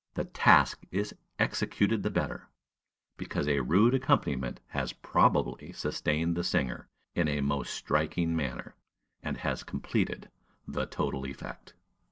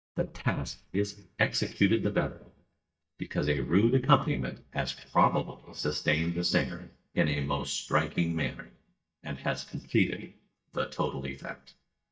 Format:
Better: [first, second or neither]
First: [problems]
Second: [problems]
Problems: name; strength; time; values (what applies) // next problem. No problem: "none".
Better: first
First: none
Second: noise reduction (neural mask model DeepFilterNet 3)